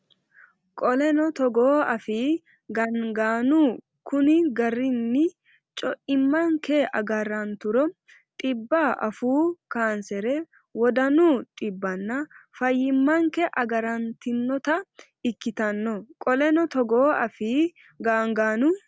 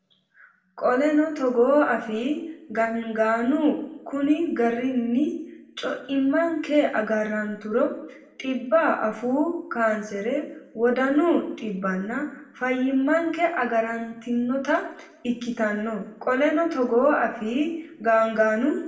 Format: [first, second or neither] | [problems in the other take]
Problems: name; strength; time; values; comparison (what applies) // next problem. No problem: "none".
first | room echo; dies away in 0.6 s